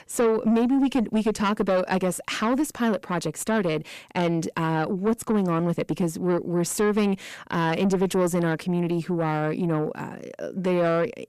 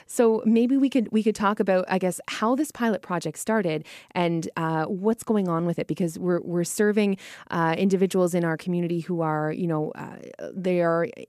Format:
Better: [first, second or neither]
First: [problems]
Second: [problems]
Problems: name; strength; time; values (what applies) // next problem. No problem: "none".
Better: second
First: distortion; slight; 9 dB below the speech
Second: none